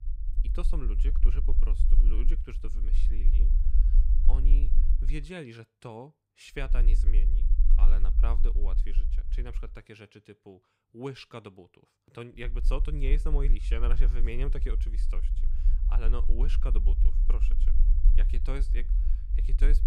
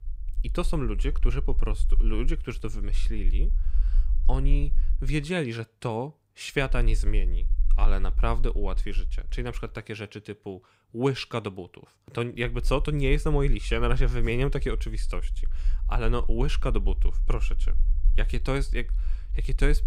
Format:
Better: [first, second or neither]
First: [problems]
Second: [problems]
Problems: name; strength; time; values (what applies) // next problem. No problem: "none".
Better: second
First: low rumble; loud; until 5 s, from 6.5 to 9.5 s and from 13 s on; 9 dB below the speech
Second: low rumble; faint; until 5 s, from 6.5 to 9.5 s and from 13 s on; 25 dB below the speech